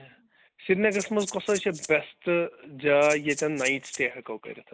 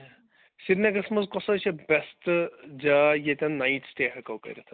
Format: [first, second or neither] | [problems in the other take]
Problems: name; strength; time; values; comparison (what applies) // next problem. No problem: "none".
second | background sound (Rattle (instrument)); 13 dB below the speech